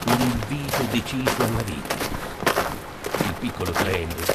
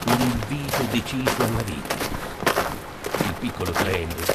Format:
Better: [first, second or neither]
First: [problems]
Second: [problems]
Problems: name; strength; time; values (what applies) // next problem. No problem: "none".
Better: neither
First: footsteps; loud; peak 5 dB above the speech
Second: footsteps; loud; peak 5 dB above the speech